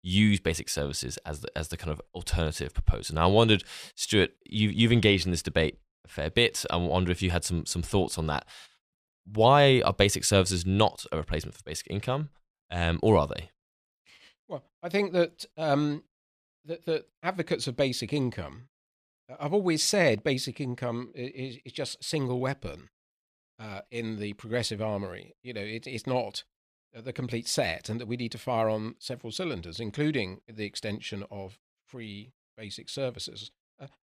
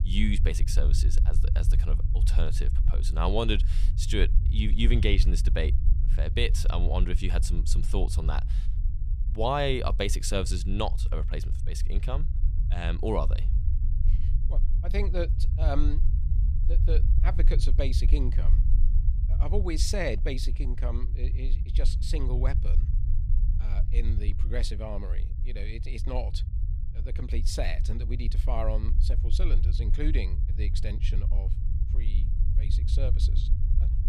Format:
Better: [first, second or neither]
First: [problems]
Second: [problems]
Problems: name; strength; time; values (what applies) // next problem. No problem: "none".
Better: first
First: none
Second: low rumble; noticeable; throughout; 15 dB below the speech